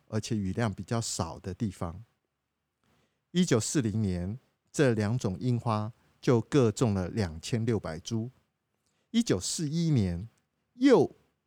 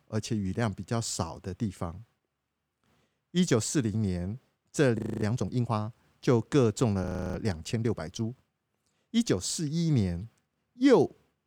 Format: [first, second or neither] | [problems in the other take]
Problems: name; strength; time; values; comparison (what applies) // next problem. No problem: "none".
first | audio freezing; at 5 s and at 7 s